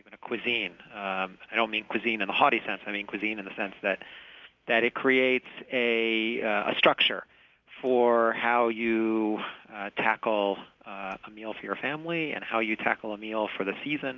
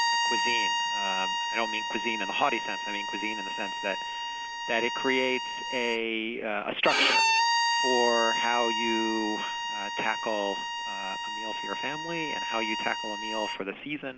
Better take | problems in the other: first | background sound (Bowed string instrument); 2 dB above the speech

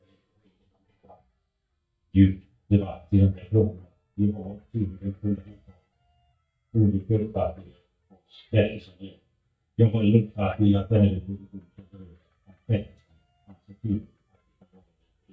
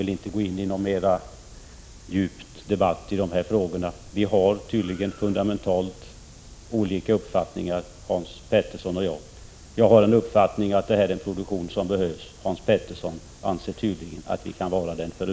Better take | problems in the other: second | noise reduction (neural mask model DeepFilterNet 3)

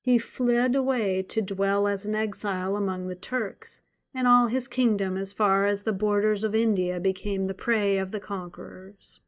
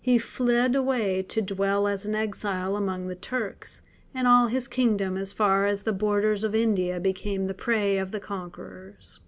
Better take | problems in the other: second | noise reduction (neural mask model DeepFilterNet 3)

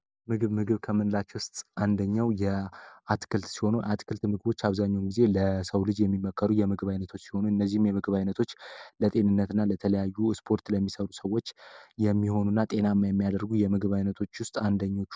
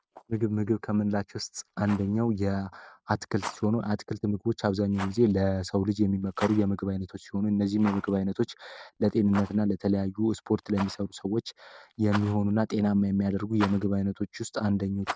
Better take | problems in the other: first | noise reduction (neural mask model RNNoise)

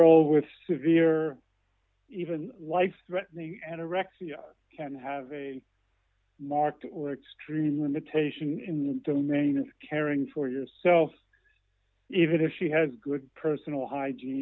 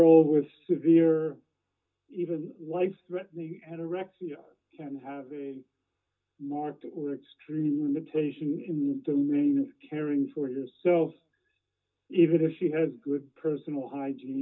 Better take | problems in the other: first | room echo; dies away in 0.2 s

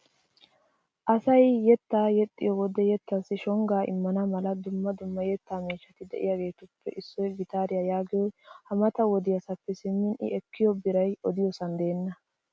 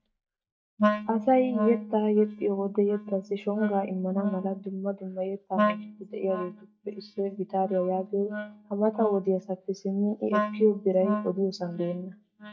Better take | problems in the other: first | noise reduction (neural mask model DeepFilterNet 3)

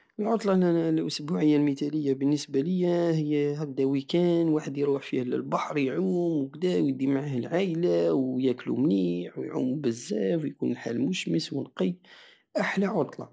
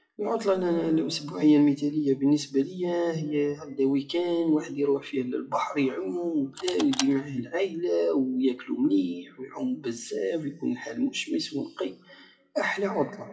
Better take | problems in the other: first | noise reduction (classical method WPE with log-MMSE)

